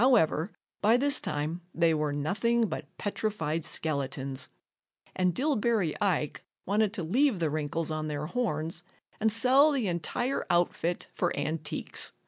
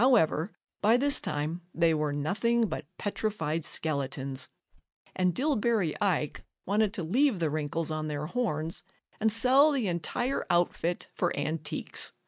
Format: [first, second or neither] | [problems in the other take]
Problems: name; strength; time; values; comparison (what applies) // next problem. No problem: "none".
first | noise reduction (neural mask model RNNoise)